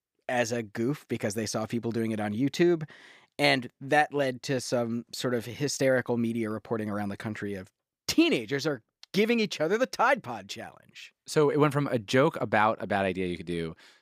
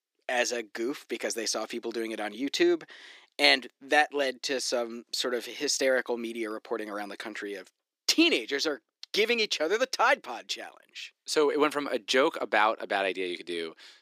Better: first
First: none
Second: thin; somewhat; fading below 300 Hz

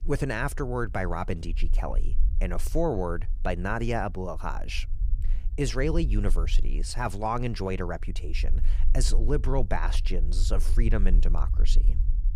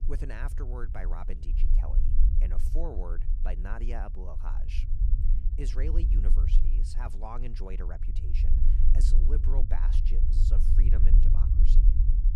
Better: first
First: low rumble; faint; throughout; 20 dB below the speech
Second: low rumble; loud; throughout; 5 dB below the speech

